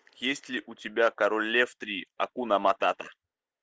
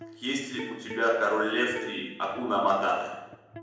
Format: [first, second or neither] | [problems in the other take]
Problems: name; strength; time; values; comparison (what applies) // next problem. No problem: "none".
first | background sound (Electric guitar); 16 dB below the speech // room echo; dies away in 0.8 s